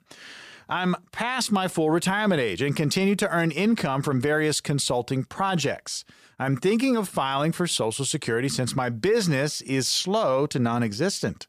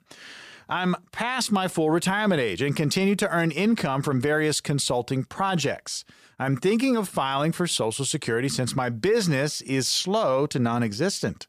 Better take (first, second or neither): neither